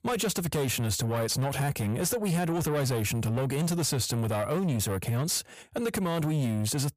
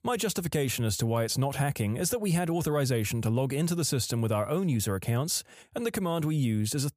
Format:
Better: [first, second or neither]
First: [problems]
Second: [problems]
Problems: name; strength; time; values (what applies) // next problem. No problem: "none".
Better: second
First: distortion; slight; 10 dB below the speech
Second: none